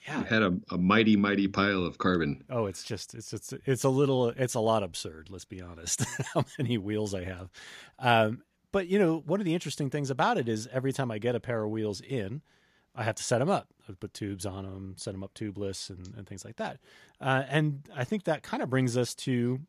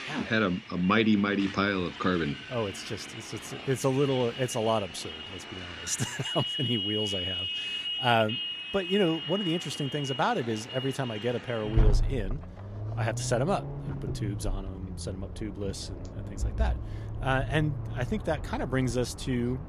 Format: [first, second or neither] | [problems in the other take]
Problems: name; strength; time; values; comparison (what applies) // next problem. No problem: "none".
first | traffic noise; loud; throughout; 5 dB below the speech